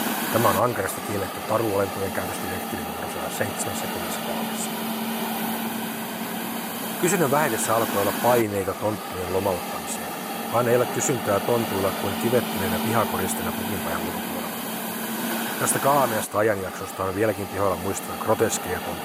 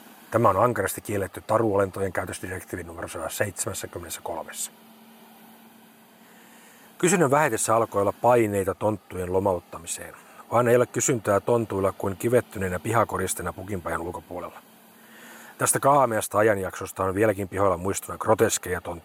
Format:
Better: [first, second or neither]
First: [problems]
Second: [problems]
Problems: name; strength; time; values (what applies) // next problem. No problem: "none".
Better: second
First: hiss; loud; throughout; 3 dB below the speech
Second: hiss; faint; throughout; 25 dB below the speech